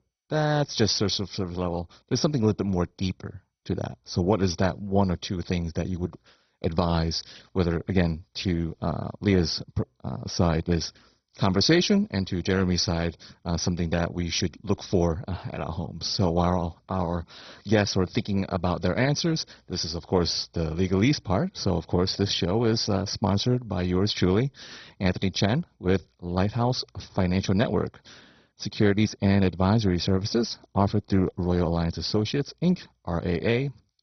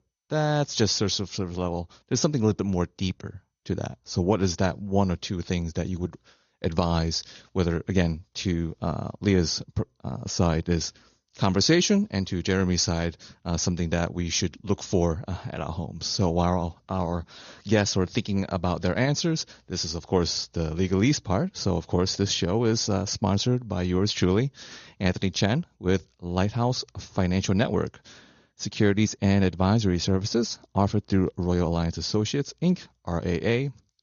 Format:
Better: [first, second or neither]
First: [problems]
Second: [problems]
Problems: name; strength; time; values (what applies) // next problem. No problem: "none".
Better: second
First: garbled, watery; badly; nothing above 6 kHz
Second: garbled, watery; slightly; nothing above 6.5 kHz